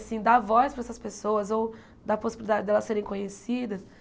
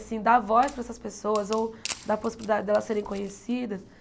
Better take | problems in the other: first | background sound (Wood); 17 dB below the speech

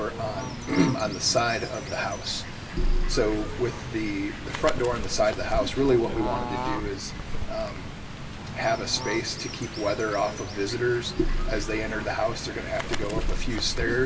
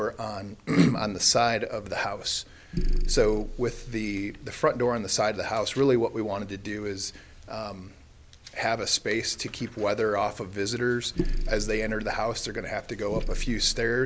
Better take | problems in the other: second | background sound (Bird / Fowl); 6 dB below the speech // room echo; dies away in 2.4 s

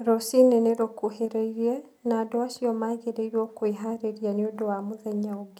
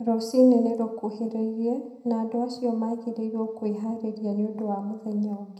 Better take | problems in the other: first | room echo; dies away in 0.8 s

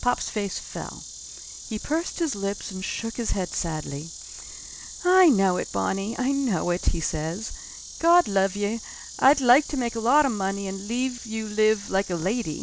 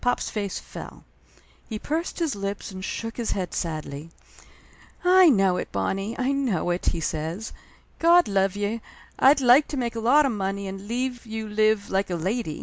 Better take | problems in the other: second | background sound (Insect); 14 dB below the speech

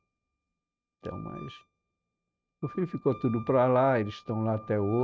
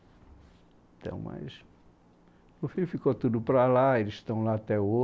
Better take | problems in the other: second | noise reduction (neural mask model RNNoise)

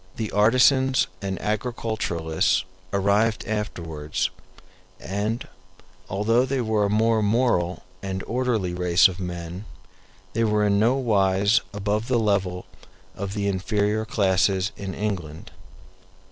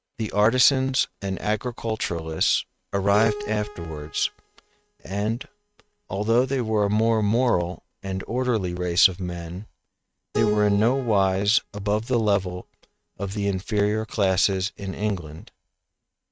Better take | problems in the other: first | noise reduction (neural mask model RNNoise)

